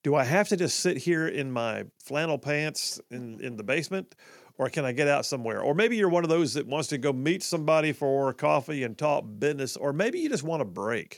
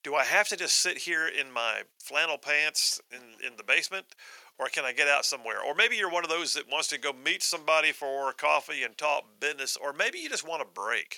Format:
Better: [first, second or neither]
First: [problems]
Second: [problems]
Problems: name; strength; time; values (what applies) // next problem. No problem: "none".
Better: first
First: none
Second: thin; very; fading below 950 Hz